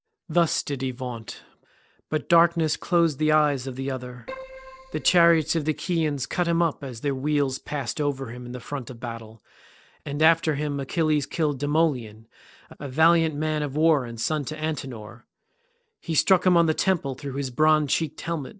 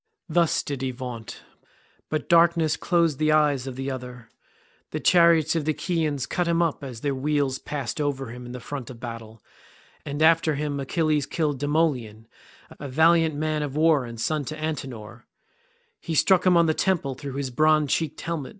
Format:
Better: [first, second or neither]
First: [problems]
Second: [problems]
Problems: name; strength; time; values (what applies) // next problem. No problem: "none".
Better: second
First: noise reduction (neural separator model SepFormer DNS4)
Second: none